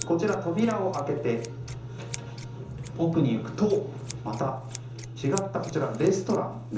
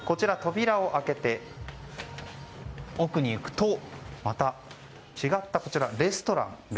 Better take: second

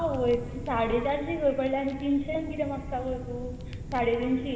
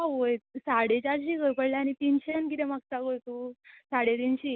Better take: second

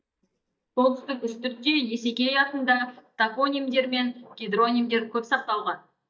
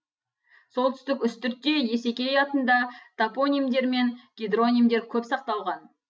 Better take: second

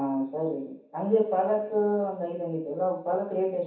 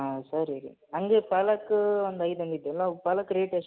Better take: second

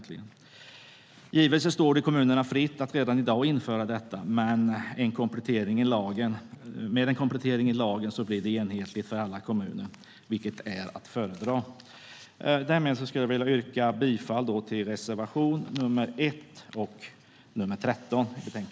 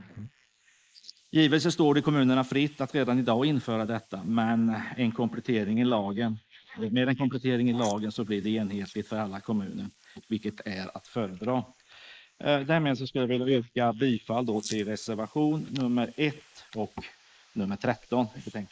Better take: first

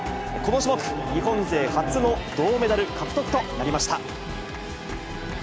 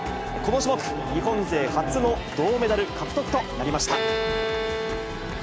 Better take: first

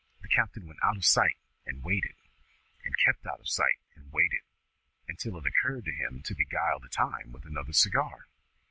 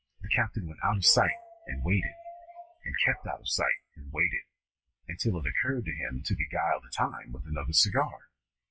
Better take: first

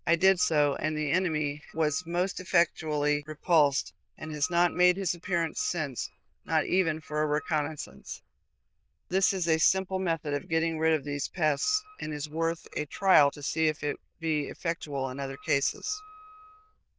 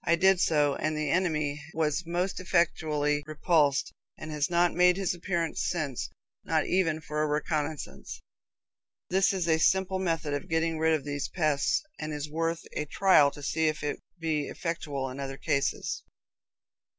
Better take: second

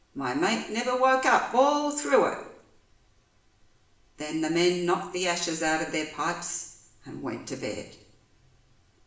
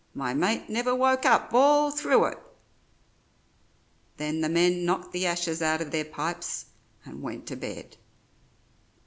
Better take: second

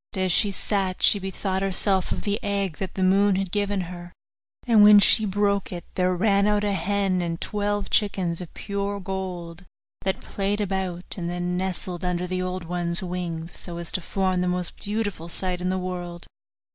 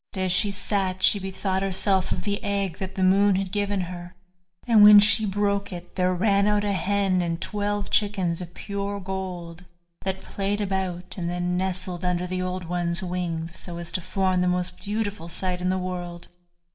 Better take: first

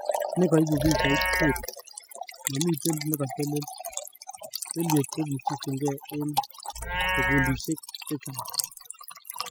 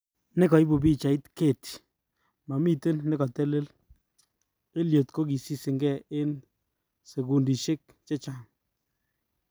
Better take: second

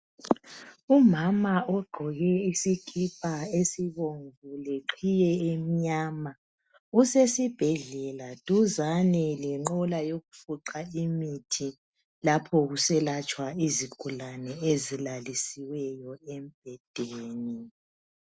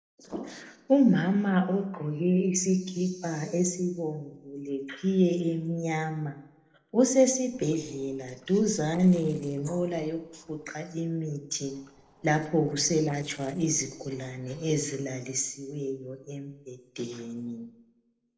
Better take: first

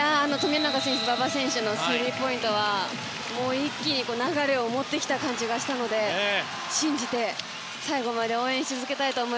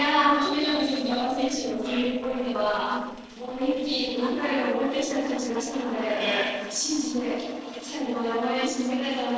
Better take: first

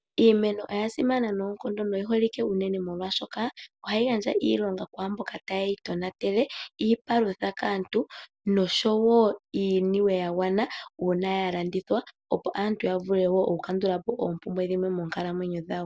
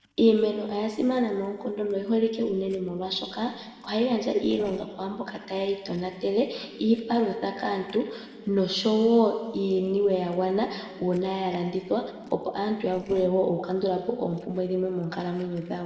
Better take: first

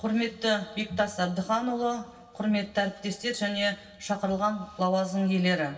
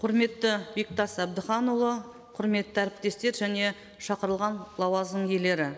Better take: second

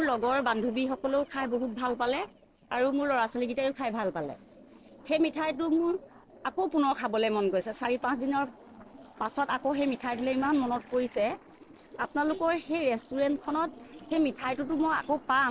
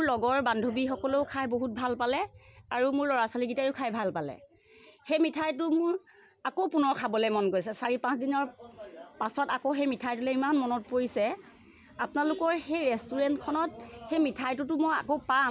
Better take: second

